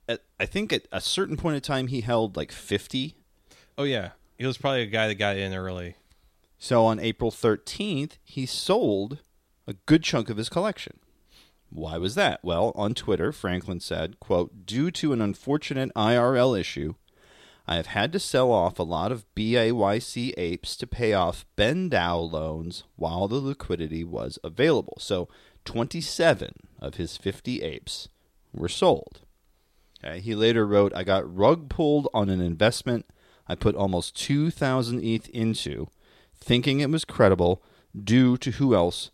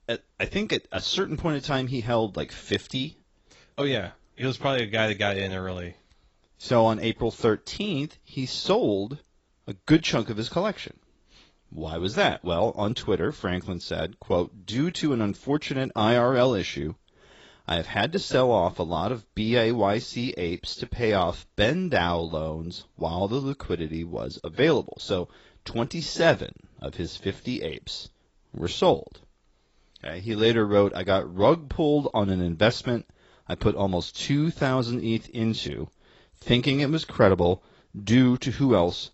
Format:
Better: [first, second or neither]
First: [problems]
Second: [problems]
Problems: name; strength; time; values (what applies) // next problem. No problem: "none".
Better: first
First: none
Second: garbled, watery; badly; nothing above 7.5 kHz